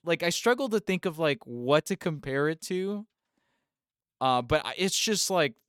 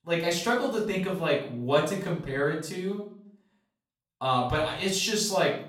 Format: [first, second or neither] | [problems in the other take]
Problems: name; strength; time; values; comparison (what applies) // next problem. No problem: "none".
first | off-mic speech; far // room echo; slight; dies away in 0.5 s